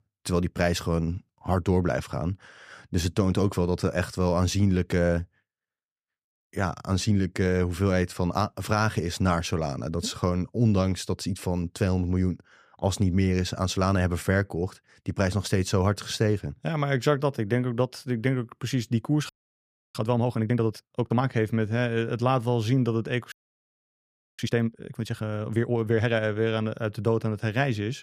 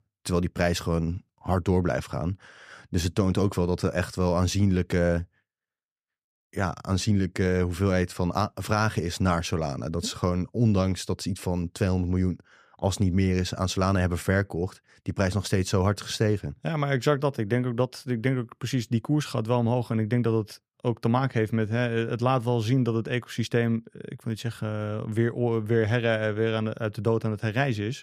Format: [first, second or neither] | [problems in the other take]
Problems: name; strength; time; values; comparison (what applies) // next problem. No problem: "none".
second | audio freezing; at 19 s for 0.5 s and at 23 s for 1 s